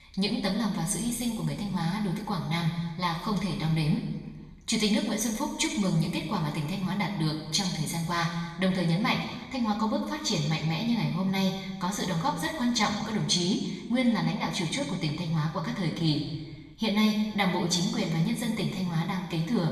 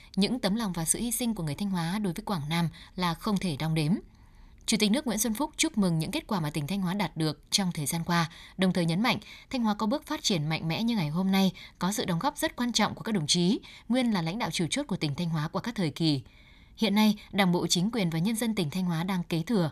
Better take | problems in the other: second | room echo; noticeable; dies away in 1.2 s // off-mic speech; far

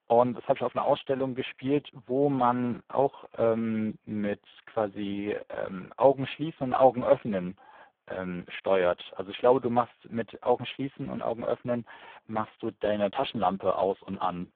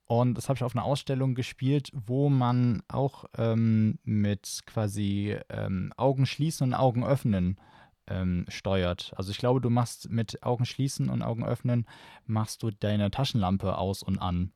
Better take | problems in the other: second | phone-call audio; poor line

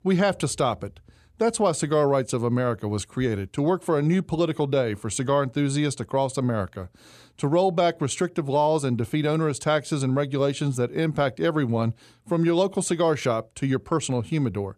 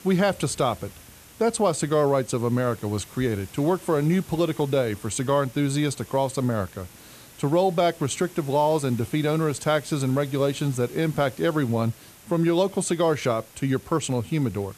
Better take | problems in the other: first | hiss; faint; throughout; 20 dB below the speech

